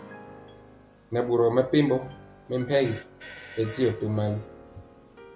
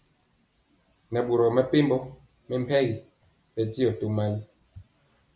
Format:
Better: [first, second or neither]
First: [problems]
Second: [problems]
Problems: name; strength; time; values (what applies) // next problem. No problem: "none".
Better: second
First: background sound (Piano + Fart); 18 dB below the speech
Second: none